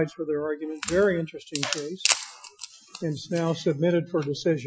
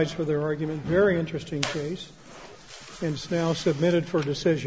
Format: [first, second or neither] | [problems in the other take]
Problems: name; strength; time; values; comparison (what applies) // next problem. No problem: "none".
second | noise reduction (classical method Wiener filter)